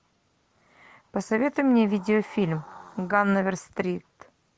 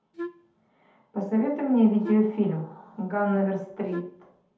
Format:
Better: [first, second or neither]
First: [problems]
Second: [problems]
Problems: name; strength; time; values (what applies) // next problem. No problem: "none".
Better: first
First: none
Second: background sound (Wind instrument, woodwind instrument); 12 dB below the speech // room echo; dies away in 0.6 s